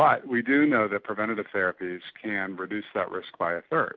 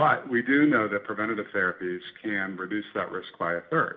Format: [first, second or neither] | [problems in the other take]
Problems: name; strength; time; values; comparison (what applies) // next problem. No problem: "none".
first | room echo; dies away in 0.7 s